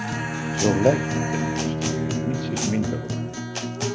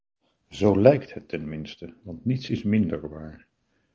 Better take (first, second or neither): second